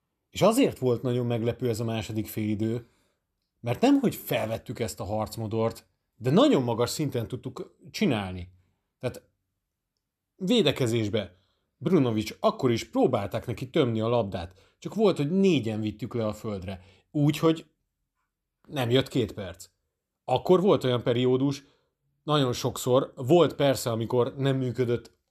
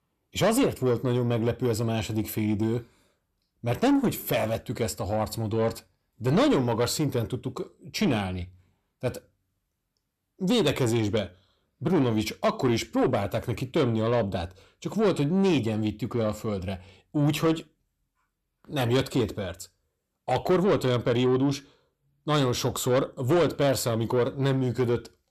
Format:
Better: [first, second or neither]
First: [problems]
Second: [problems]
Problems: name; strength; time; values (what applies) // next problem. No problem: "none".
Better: first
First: none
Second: distortion; slight; 10 dB below the speech